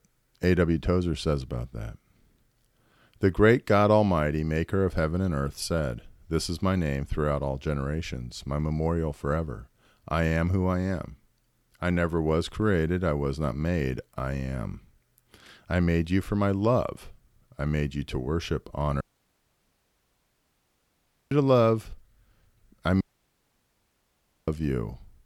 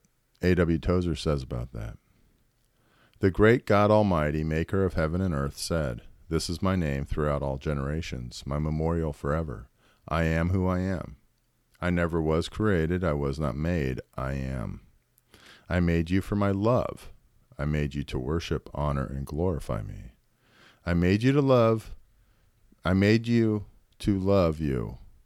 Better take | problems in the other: second | audio cutting out; at 19 s for 2.5 s and at 23 s for 1.5 s

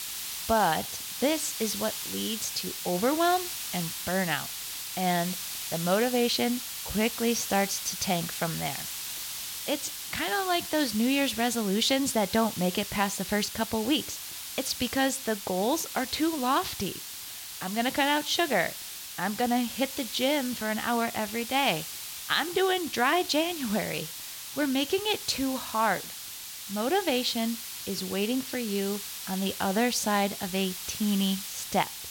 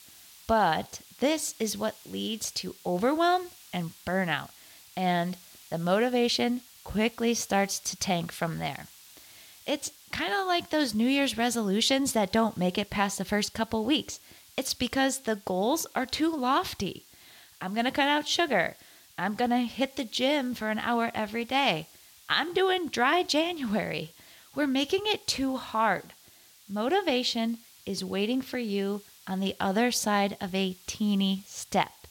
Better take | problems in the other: second | hiss; loud; throughout; 7 dB below the speech; faint in the second

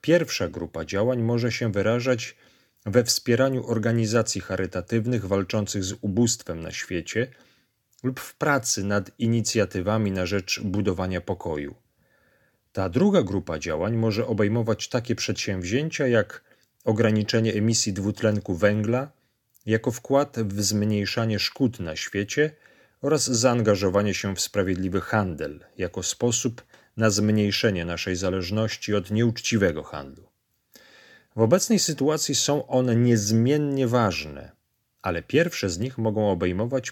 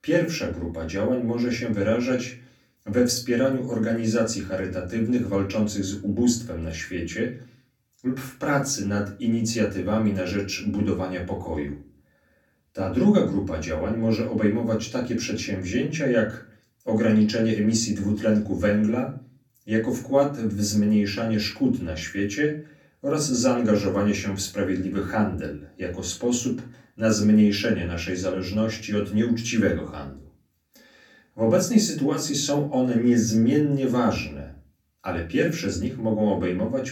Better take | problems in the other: first | off-mic speech; far // room echo; slight; dies away in 0.3 s

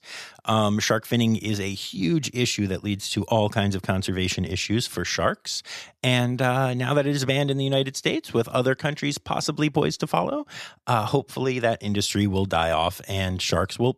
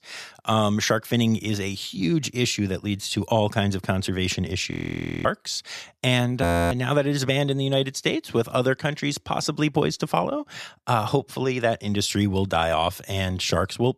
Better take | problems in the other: first | audio freezing; at 4.5 s for 0.5 s and at 6.5 s

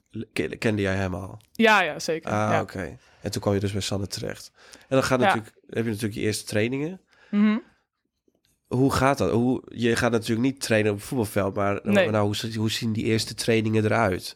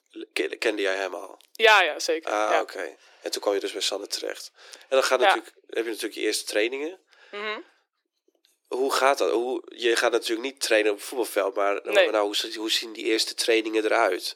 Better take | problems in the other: first | thin; very; fading below 350 Hz

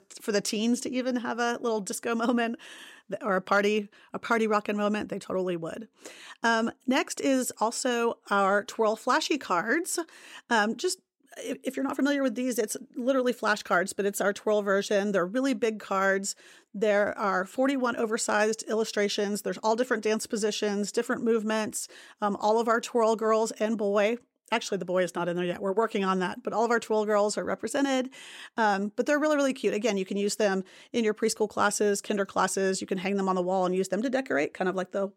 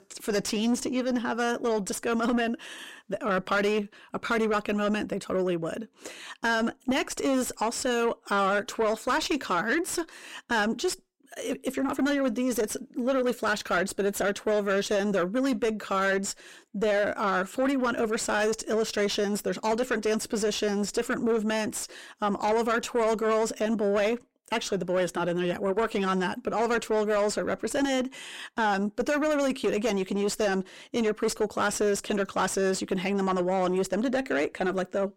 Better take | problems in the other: first | distortion; slight; 10 dB below the speech

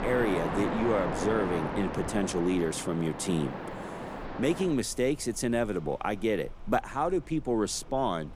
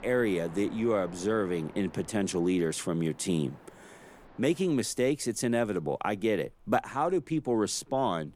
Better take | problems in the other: second | rain or running water; loud; throughout; 5 dB below the speech; faint in the second

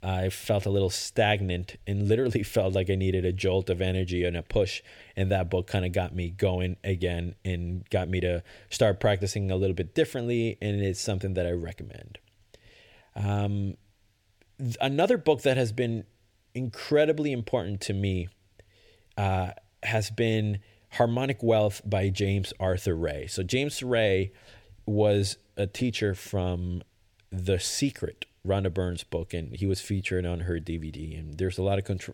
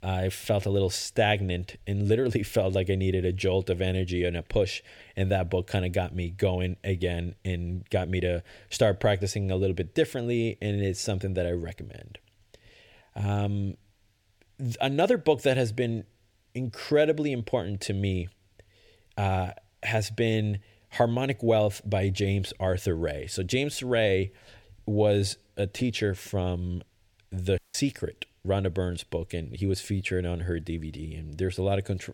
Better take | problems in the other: first | audio cutting out; at 28 s

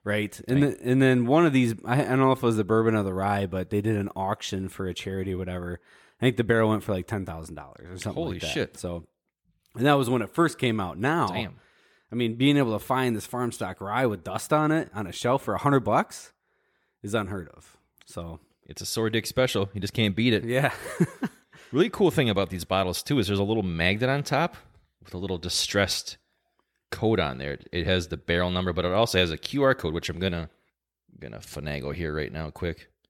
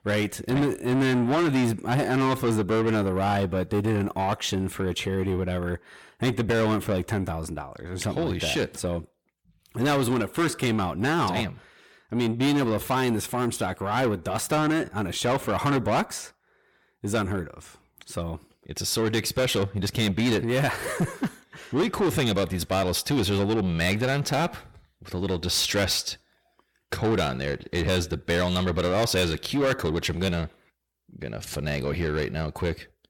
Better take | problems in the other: first | distortion; heavy; 7 dB below the speech

